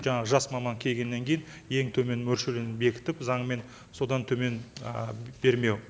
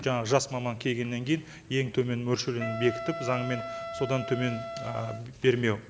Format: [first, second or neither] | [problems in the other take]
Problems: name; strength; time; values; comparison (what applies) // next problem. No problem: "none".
first | background sound (Wind instrument, woodwind instrument); 8 dB below the speech